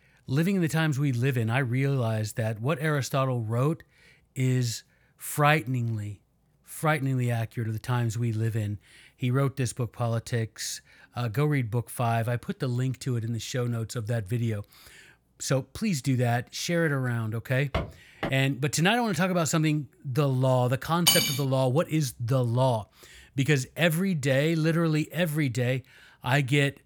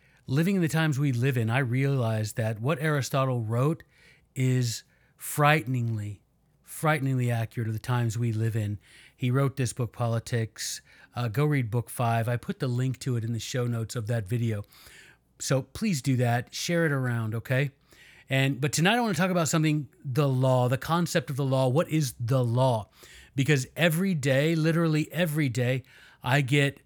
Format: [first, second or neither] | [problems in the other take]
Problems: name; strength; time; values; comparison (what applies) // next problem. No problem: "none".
second | footsteps; noticeable; at 18 s; peak 6 dB below the speech // clattering dishes; loud; at 21 s; peak 6 dB above the speech